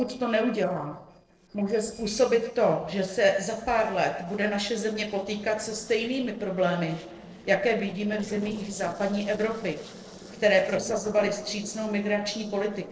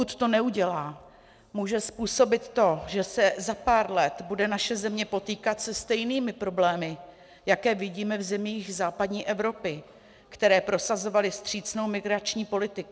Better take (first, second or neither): second